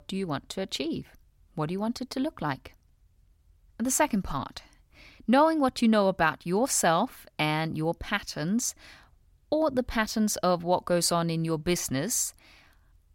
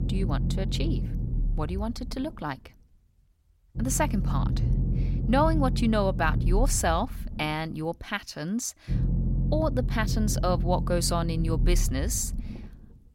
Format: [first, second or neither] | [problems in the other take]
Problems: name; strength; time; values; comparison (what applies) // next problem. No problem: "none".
first | low rumble; noticeable; throughout; 10 dB below the speech